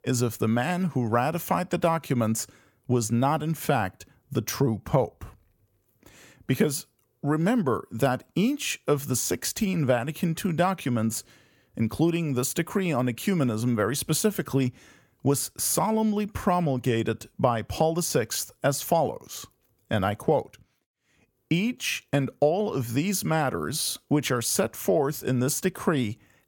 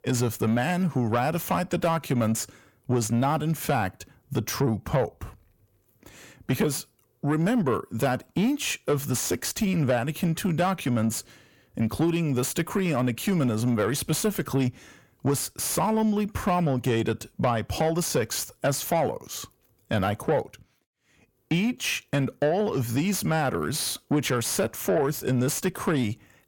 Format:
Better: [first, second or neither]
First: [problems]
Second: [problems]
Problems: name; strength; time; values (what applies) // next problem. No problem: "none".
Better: first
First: none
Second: distortion; slight; 10 dB below the speech